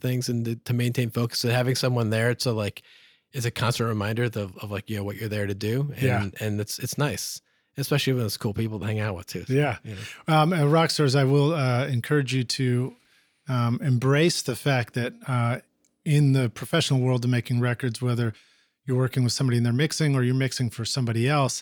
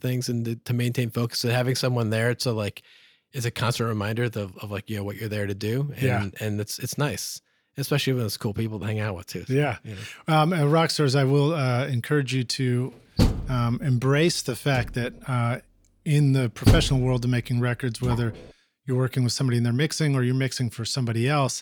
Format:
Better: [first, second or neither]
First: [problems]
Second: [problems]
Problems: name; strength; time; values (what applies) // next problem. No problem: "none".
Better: first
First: none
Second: door banging; loud; from 13 to 18 s; peak 4 dB above the speech